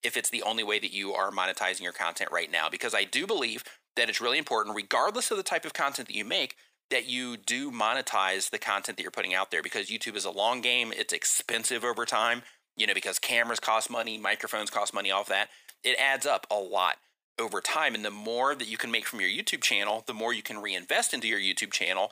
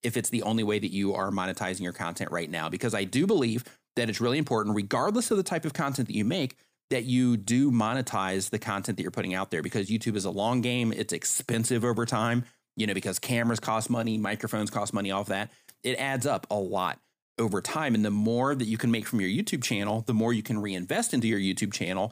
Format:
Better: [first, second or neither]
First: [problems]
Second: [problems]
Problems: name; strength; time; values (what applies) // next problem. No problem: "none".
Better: second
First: thin; very; fading below 650 Hz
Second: none